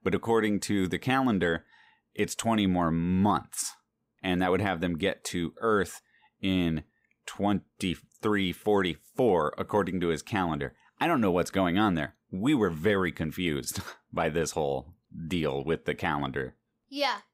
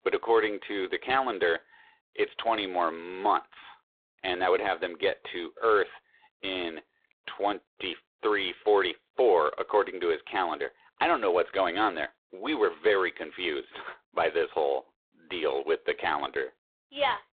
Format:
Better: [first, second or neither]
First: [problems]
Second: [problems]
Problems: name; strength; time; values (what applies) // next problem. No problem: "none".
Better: first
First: none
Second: phone-call audio; poor line